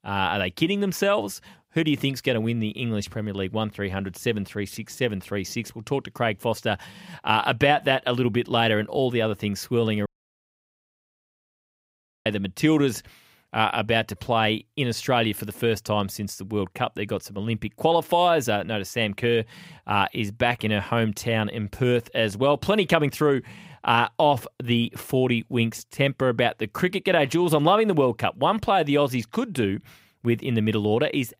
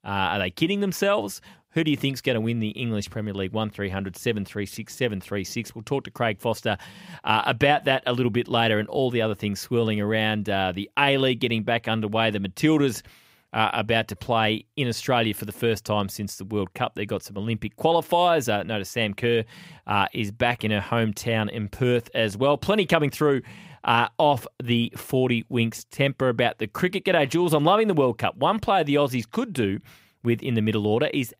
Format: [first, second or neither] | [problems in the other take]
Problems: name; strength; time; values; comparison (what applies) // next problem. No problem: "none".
second | audio cutting out; at 10 s for 2 s